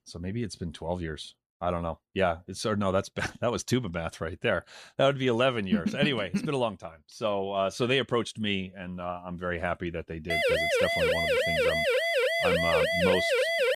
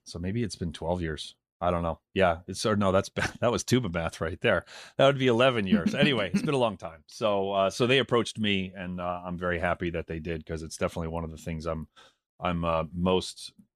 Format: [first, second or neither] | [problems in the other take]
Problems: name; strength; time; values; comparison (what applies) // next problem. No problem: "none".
second | siren; loud; from 10 s on; peak 5 dB above the speech